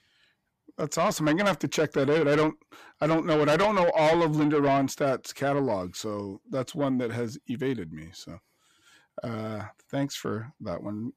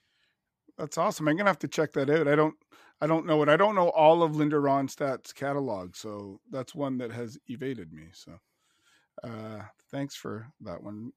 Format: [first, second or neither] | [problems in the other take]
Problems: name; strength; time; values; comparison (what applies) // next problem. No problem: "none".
second | distortion; heavy; 7 dB below the speech